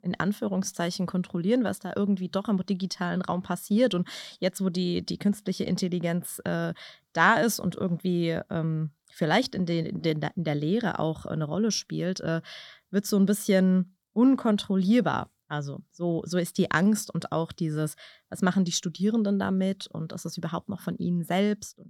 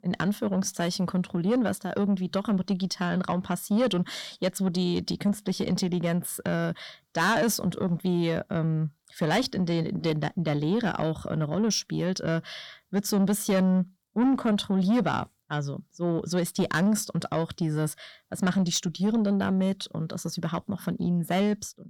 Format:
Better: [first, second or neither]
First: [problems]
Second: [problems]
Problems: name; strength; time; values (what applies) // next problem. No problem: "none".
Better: first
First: none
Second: distortion; slight; 10 dB below the speech